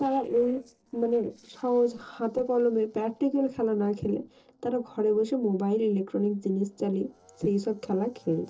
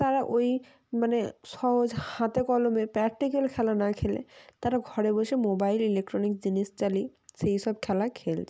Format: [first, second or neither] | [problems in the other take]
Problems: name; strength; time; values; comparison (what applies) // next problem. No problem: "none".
second | noise reduction (neural separator model SepFormer DNS4)